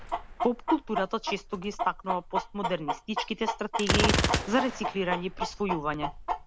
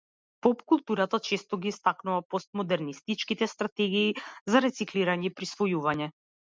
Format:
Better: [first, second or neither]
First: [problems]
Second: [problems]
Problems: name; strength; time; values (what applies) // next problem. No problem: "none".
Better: second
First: background sound (Gunshot, gunfire + Chicken, rooster); as loud as the speech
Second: none